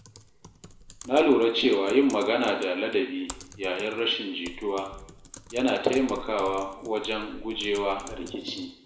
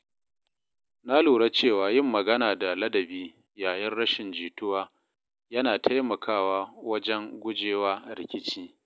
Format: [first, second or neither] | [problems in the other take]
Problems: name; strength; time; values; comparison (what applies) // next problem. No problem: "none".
second | background sound (Typing); 19 dB below the speech // room echo; dies away in 0.7 s